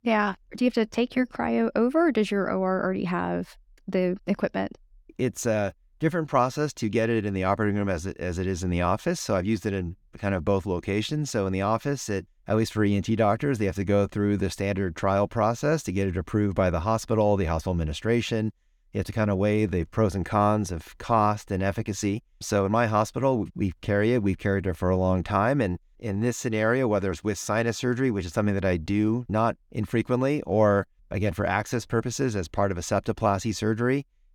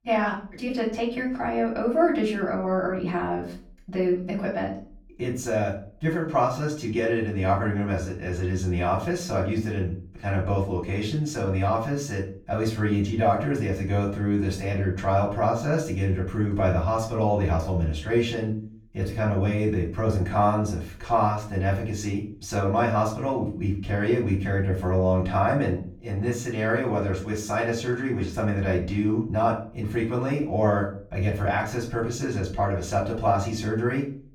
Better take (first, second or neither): first